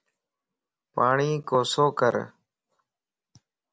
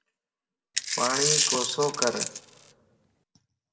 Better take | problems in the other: first | background sound (Coin (dropping)); 3 dB above the speech // room echo; dies away in 0.8 s

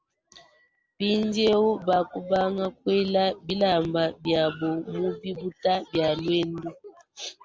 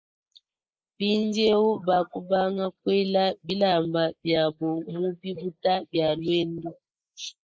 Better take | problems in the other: first | noise reduction (neural mask model Resemble Enhance denoiser)

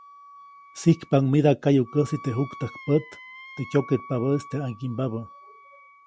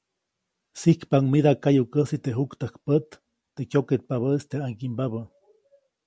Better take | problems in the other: second | background sound (Wind instrument, woodwind instrument); 19 dB below the speech

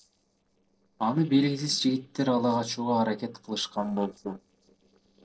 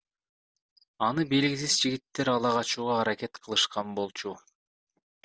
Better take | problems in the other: second | noise reduction (neural separator model SepFormer DNS4)

